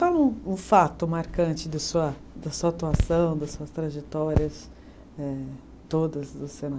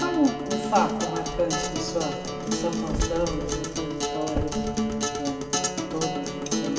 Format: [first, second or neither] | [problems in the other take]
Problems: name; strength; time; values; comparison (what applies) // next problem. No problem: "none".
first | background sound (Acoustic guitar); 1 dB below the speech // room echo; dies away in 2.2 s